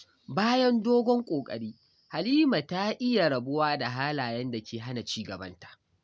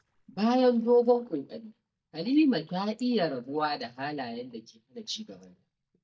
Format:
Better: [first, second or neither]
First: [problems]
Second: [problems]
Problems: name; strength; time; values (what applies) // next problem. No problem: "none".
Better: first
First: none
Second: noise reduction (neural mask model DeepFilterNet 3)